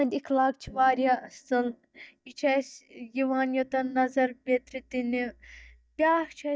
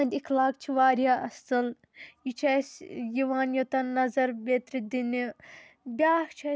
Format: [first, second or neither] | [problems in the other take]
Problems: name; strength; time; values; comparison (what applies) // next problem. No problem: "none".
second | noise reduction (neural mask model DeepFilterNet 3)